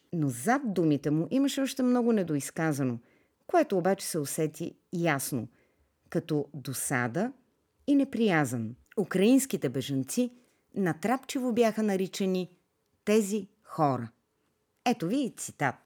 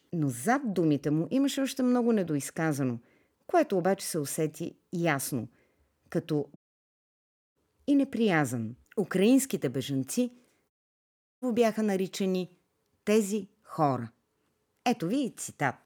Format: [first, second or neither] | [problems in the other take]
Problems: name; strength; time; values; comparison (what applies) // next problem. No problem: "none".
first | audio cutting out; at 6.5 s for 1 s and at 11 s for 0.5 s